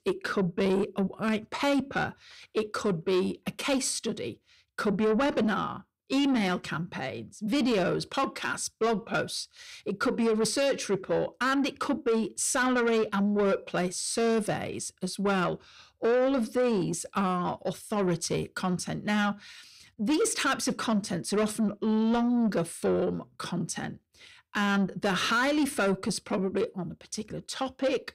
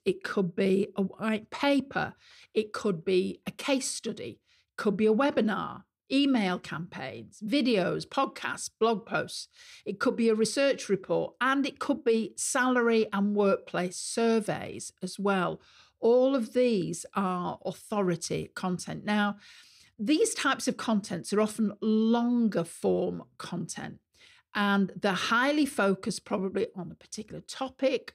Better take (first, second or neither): second